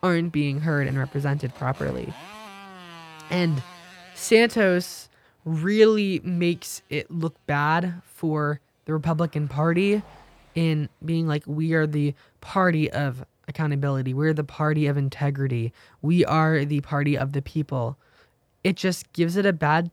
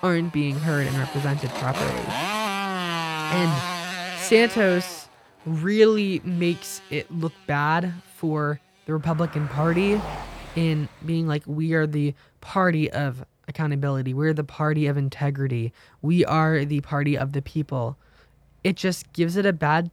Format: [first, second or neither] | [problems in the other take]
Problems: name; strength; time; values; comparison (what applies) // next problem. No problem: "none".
first | traffic noise; loud; throughout; 6 dB below the speech; faint in the first